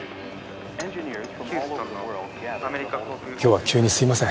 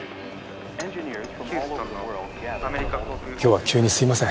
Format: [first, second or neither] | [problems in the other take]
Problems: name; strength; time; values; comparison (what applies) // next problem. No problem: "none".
first | background sound (Subway, metro, underground); 13 dB below the speech